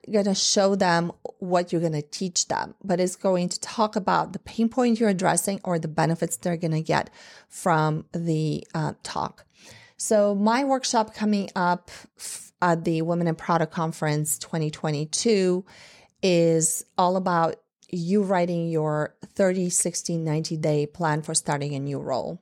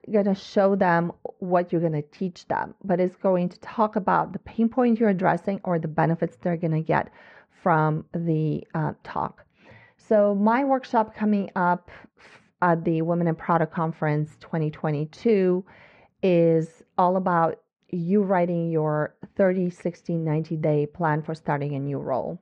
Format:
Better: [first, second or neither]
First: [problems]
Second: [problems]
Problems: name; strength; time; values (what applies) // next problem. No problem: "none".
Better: first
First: none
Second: muffled; very; fading above 2 kHz